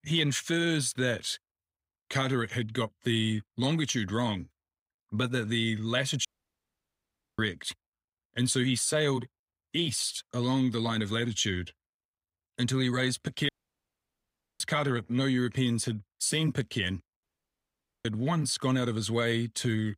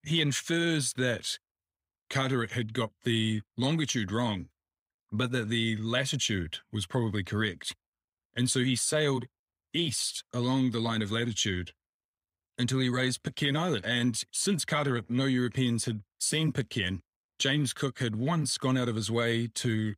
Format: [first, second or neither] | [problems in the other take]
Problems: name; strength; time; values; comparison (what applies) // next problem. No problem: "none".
second | audio cutting out; at 6.5 s for 1 s, at 13 s for 1 s and at 17 s for 1 s